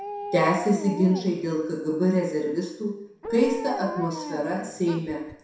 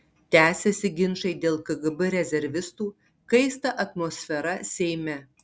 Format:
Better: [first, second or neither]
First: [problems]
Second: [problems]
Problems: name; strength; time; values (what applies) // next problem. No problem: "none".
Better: second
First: background sound (Dog); 11 dB below the speech // room echo; dies away in 0.7 s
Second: none